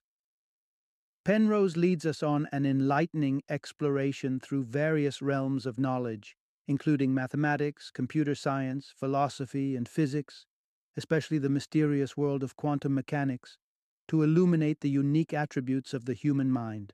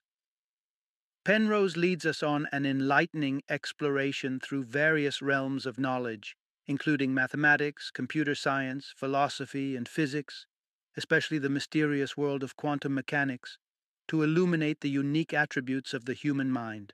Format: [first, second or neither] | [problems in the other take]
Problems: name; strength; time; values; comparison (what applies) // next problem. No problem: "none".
first | thin; very slightly; fading below 250 Hz